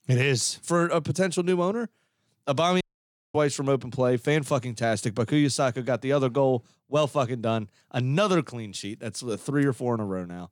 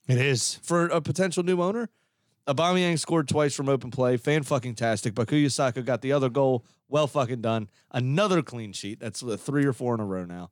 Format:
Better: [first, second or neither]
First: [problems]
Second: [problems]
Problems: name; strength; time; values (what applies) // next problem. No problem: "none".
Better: second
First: audio cutting out; at 3 s for 0.5 s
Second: none